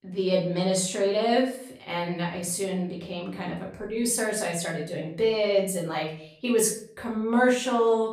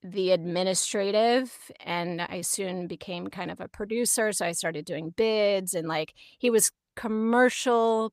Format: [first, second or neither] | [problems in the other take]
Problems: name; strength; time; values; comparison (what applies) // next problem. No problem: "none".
second | off-mic speech; far // room echo; slight; dies away in 0.5 s